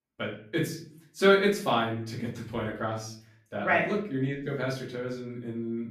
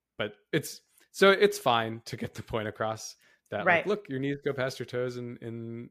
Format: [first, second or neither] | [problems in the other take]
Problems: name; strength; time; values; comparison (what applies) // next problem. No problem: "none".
second | off-mic speech; far // room echo; slight; dies away in 0.5 s